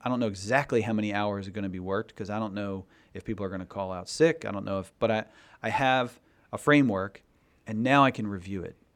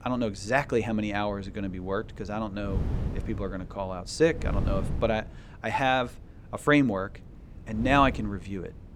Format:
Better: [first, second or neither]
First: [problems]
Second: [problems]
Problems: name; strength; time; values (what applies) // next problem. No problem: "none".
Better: first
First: none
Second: wind noise on the microphone; occasional gusts; 20 dB below the speech